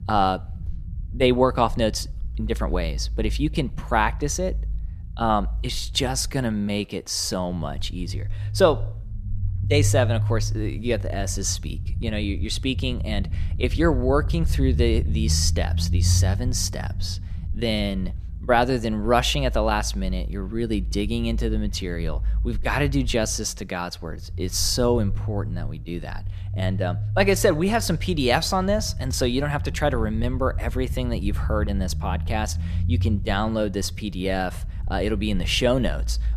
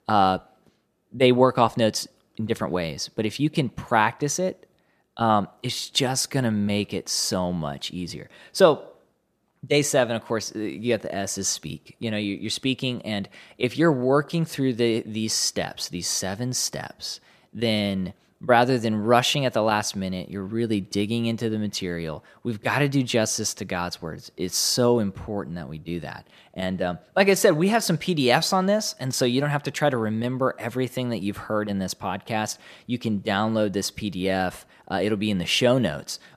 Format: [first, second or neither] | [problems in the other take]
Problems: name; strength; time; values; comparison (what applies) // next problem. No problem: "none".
second | low rumble; noticeable; throughout; 20 dB below the speech